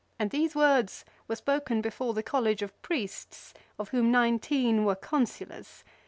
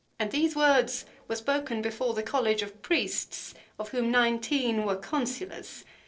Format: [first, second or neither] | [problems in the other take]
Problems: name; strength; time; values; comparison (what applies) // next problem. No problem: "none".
first | noise reduction (neural separator model SepFormer DNS4)